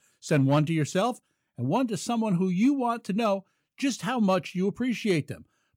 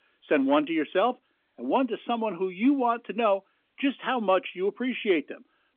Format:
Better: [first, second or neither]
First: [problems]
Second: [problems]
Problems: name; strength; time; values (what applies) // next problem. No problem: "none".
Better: first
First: none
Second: phone-call audio; nothing above 3.5 kHz